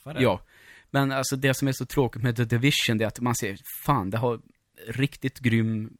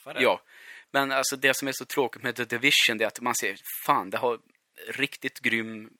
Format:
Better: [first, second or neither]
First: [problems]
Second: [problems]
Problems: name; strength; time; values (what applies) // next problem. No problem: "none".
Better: first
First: none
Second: thin; somewhat; fading below 450 Hz